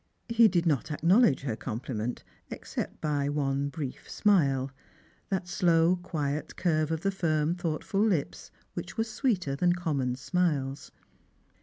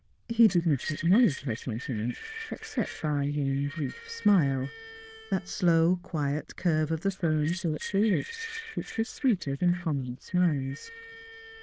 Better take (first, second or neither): first